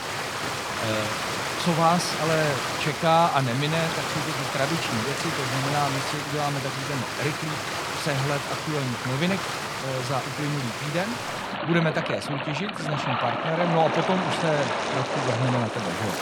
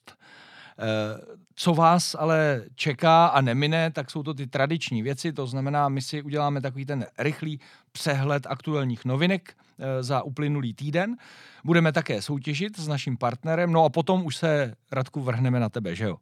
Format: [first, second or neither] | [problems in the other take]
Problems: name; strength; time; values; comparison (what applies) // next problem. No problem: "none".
second | rain or running water; loud; throughout; 1 dB below the speech